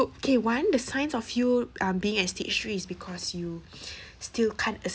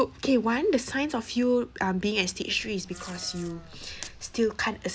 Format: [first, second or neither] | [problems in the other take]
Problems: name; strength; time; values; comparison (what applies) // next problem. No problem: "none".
first | background sound (Packing tape, duct tape + Livestock, farm animals, working animals); 18 dB below the speech